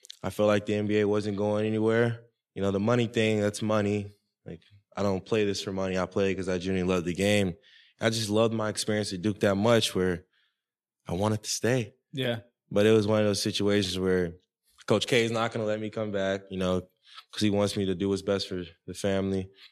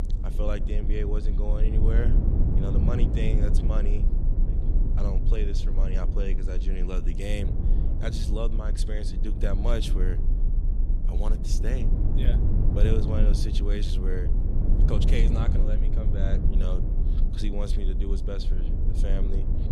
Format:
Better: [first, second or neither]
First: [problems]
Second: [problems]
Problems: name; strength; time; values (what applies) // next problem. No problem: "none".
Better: first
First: none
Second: low rumble; loud; throughout; 4 dB below the speech